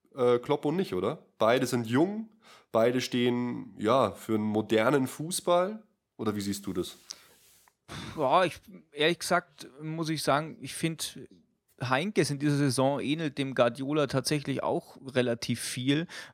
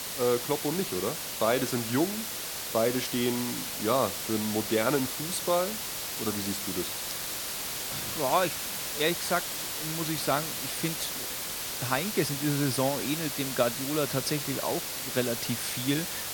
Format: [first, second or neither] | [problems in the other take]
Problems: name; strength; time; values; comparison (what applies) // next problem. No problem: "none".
first | hiss; loud; throughout; 2 dB below the speech